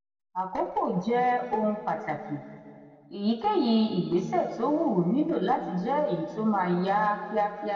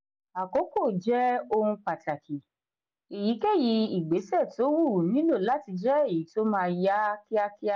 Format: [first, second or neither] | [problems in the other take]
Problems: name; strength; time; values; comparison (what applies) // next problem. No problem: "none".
second | room echo; dies away in 2.1 s